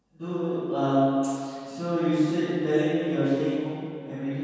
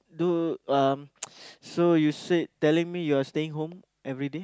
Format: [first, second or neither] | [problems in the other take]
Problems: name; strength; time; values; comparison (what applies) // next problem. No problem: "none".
second | room echo; dies away in 2.1 s